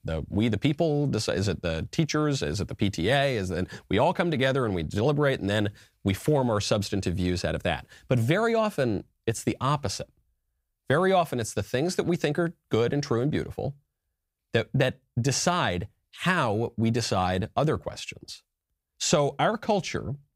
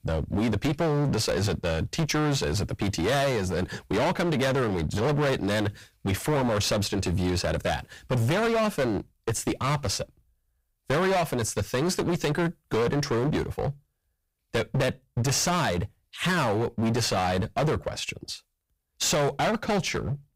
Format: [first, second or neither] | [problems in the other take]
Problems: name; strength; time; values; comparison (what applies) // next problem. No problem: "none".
first | distortion; heavy; 21% of the sound clipped